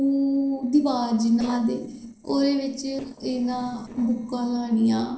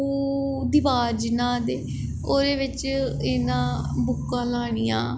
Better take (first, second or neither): second